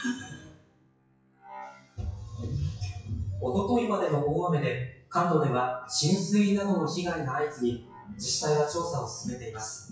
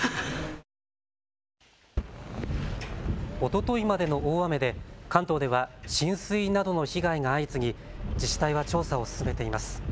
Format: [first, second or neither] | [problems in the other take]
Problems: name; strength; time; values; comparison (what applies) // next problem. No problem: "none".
second | noise reduction (classical method WPE with log-MMSE)